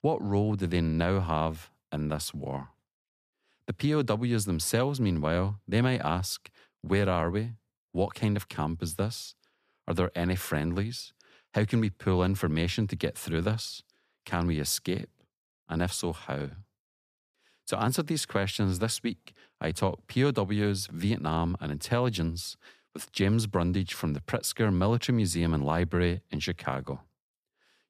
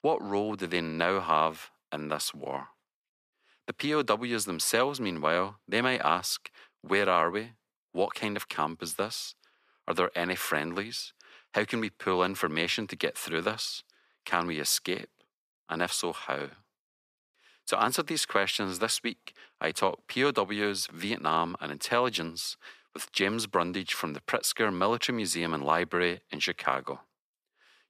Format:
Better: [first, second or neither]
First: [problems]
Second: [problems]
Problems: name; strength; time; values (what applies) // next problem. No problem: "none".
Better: first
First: none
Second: thin; somewhat; fading below 350 Hz